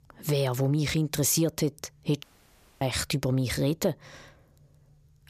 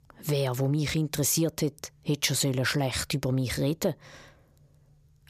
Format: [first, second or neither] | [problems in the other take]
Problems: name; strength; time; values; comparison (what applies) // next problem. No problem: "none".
second | audio cutting out; at 2 s for 0.5 s